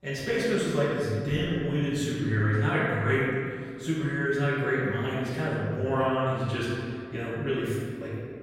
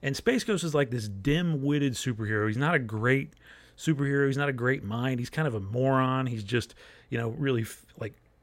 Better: second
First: room echo; strong; dies away in 1.9 s // off-mic speech; far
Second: none

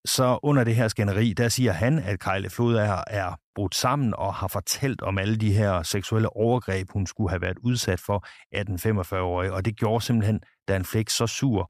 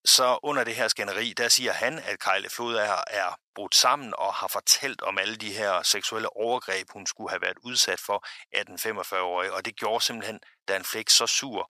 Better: first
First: none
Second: thin; very; fading below 650 Hz

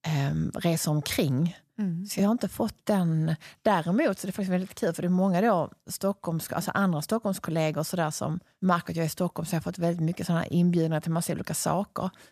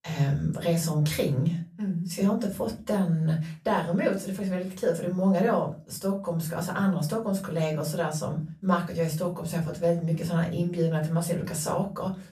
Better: first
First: none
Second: off-mic speech; far // room echo; very slight; dies away in 0.3 s

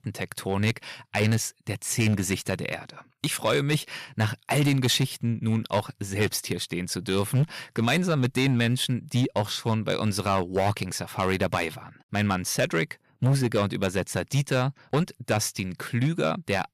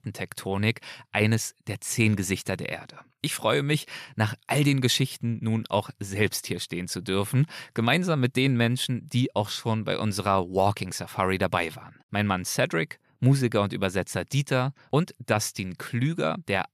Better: second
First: distortion; slight; 5% of the sound clipped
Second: none

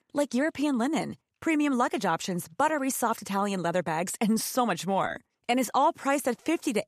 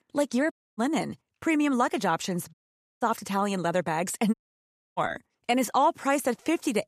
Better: first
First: none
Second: audio cutting out; at 0.5 s, at 2.5 s and at 4.5 s for 0.5 s

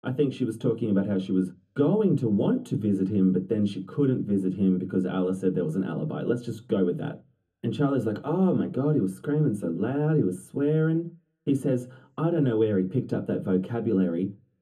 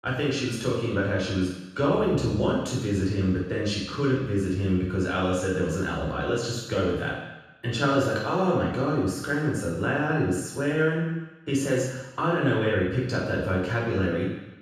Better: first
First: room echo; slight; dies away in 0.3 s // off-mic speech; far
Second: room echo; strong; dies away in 1.1 s // off-mic speech; far

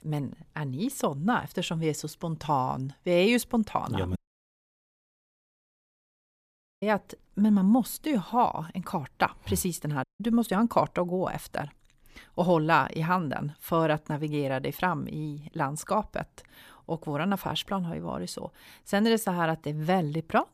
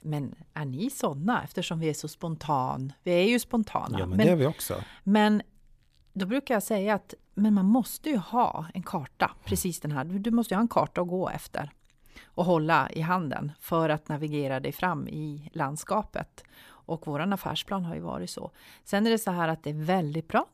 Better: second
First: audio cutting out; at 4 s for 2.5 s and at 10 s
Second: none

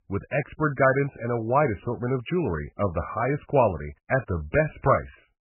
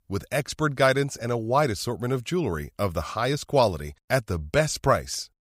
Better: second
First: garbled, watery; badly; nothing above 2.5 kHz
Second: none

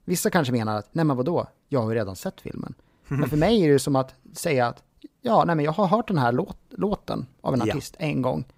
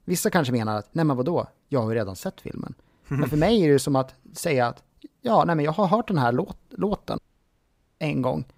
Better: first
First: none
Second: audio cutting out; at 7 s for 1 s

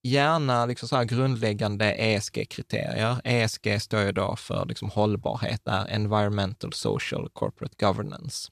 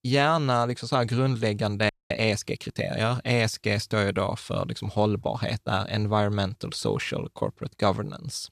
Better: first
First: none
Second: audio freezing; at 2 s

